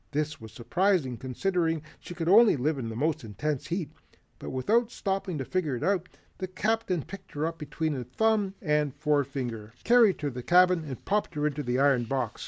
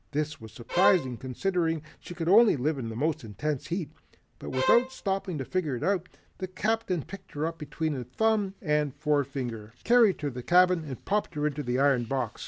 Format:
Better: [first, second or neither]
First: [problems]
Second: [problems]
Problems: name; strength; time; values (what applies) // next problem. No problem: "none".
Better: first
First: none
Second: background sound (Bowed string instrument); 3 dB below the speech